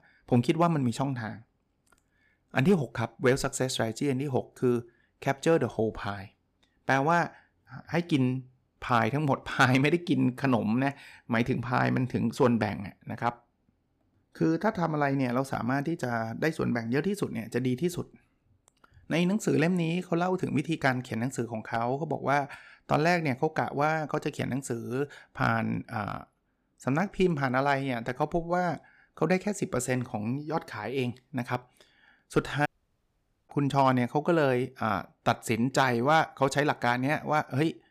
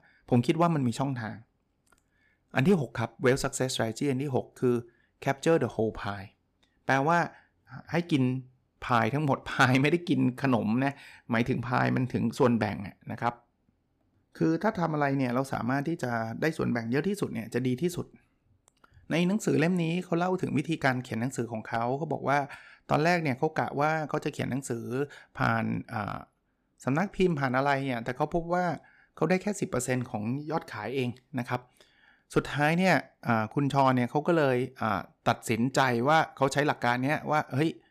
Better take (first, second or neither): second